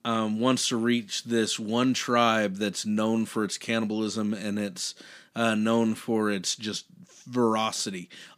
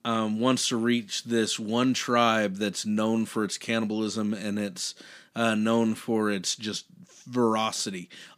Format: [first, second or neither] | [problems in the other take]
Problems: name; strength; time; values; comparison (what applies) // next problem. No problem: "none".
neither | none